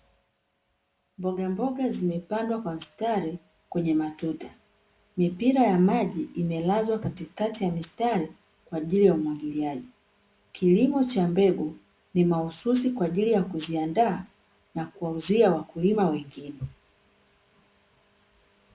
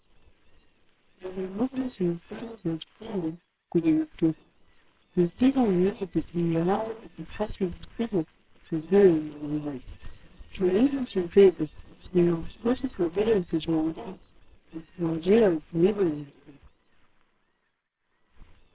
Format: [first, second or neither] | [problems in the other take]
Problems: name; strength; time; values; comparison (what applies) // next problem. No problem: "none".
first | noise reduction (neural separator model SepFormer WHAMR!)